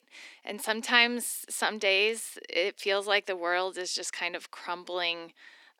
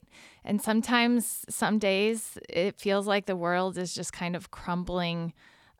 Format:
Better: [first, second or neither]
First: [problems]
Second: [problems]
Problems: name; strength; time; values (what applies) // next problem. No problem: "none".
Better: second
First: thin; somewhat; fading below 300 Hz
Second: none